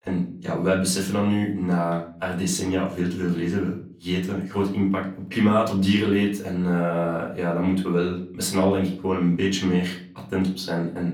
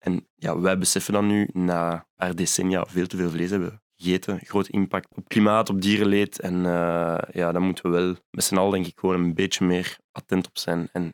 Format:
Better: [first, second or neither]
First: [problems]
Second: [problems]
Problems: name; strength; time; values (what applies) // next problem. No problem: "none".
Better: second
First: room echo; slight; dies away in 0.4 s // off-mic speech; far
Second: none